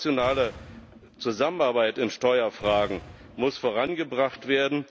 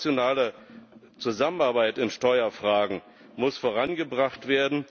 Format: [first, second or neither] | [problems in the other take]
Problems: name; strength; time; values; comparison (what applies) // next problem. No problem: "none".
second | background sound (Boom); 19 dB below the speech